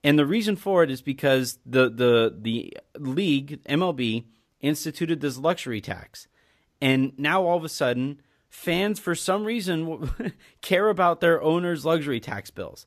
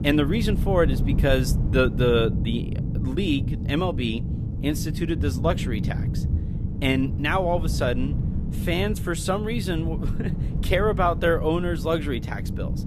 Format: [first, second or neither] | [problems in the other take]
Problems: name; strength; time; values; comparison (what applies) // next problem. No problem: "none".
first | low rumble; noticeable; throughout; 10 dB below the speech